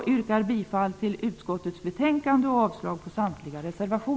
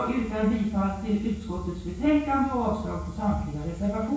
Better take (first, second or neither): first